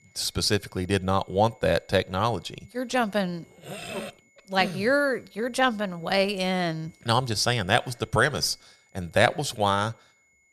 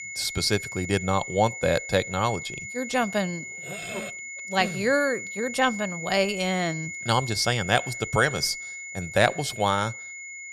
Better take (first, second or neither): first